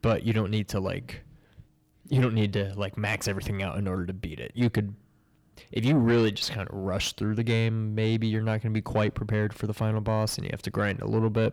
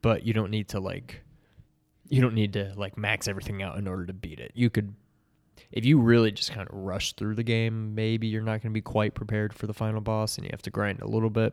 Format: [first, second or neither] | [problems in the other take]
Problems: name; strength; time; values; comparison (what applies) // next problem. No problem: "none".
second | distortion; slight; 10 dB below the speech